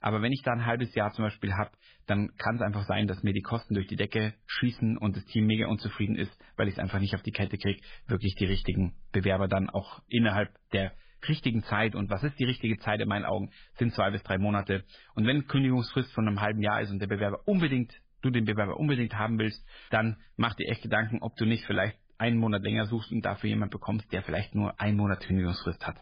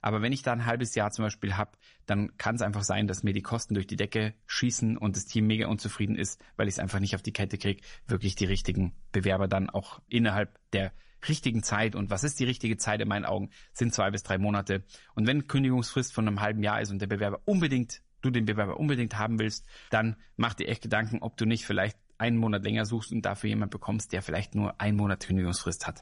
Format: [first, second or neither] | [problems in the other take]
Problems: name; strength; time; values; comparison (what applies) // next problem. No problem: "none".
second | garbled, watery; badly; nothing above 5 kHz; slightly in the second